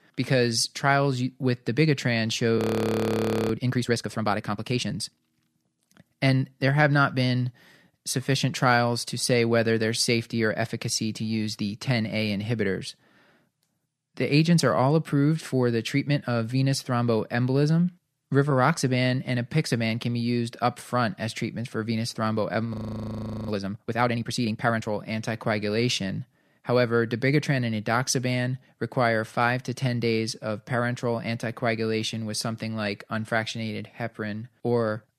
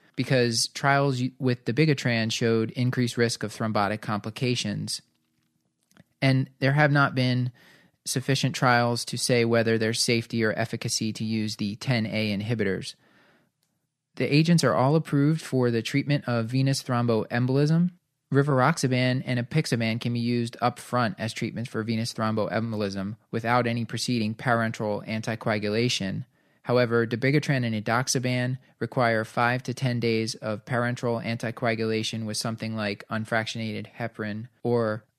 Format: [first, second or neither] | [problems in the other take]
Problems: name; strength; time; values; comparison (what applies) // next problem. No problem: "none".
second | audio freezing; at 2.5 s for 1 s and at 23 s for 0.5 s